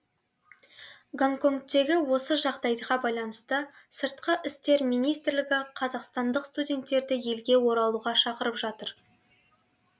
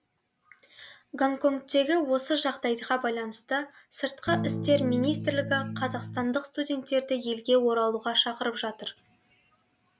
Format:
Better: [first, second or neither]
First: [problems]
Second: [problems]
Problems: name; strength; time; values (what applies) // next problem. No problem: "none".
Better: first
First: none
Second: background sound (Electric guitar / Strum); 4 dB below the speech